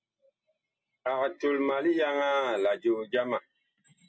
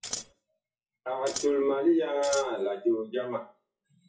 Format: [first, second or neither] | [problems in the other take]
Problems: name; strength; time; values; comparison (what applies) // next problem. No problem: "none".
first | noise reduction (classical method WPE with log-MMSE)